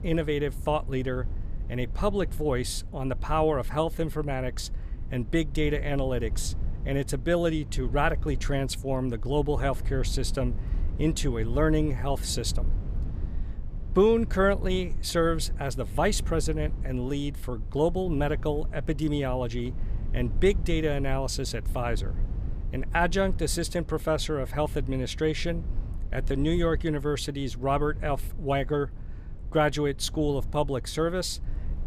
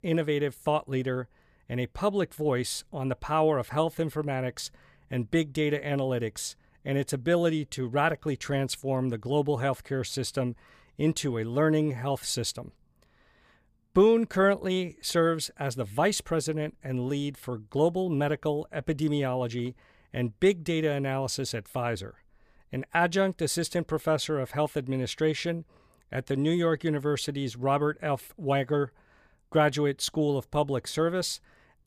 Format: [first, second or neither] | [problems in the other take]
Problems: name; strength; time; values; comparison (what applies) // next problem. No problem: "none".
second | low rumble; faint; throughout; 20 dB below the speech